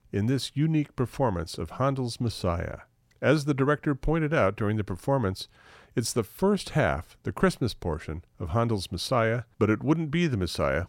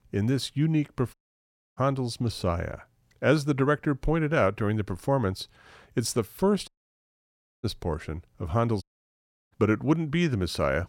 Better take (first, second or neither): first